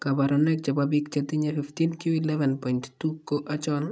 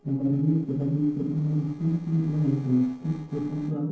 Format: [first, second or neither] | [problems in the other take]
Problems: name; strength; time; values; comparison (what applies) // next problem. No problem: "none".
first | noise reduction (neural separator model SepFormer DNS4)